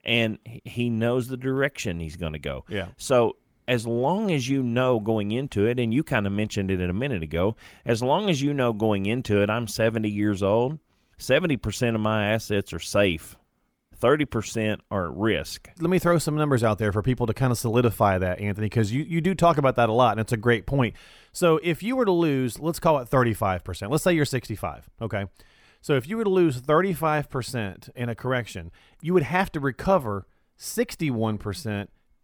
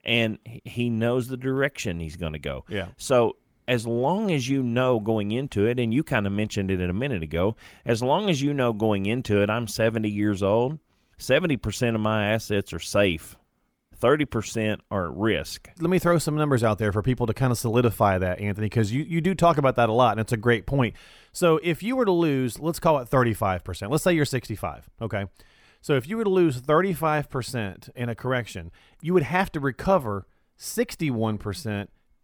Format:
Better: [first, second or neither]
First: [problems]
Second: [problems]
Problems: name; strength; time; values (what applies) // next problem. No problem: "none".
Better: neither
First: none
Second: none